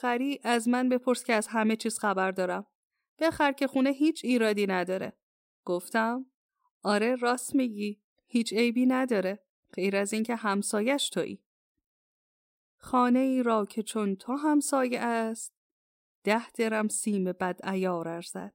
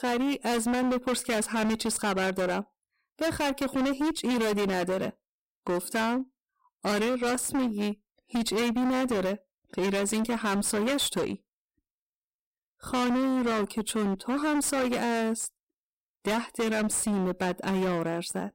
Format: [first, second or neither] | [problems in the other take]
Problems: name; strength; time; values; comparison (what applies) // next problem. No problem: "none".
first | distortion; heavy; 27% of the sound clipped